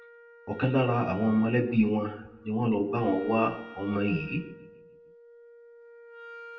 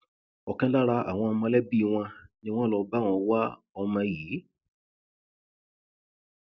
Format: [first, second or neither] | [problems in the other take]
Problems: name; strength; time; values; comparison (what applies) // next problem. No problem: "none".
second | background sound (Wind instrument, woodwind instrument); 19 dB below the speech // room echo; dies away in 0.6 s